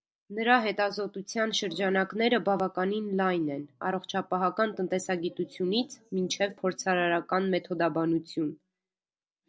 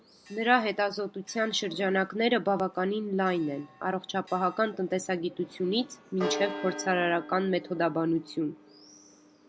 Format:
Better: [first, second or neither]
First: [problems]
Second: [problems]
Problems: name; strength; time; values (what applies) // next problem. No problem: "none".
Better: first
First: none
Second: background sound (Church bell); 14 dB below the speech